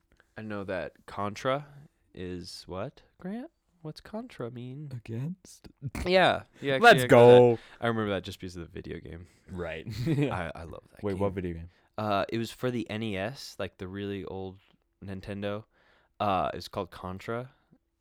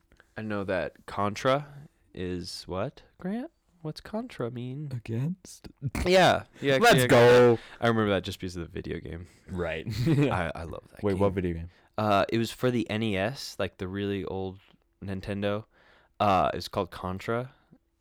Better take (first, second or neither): first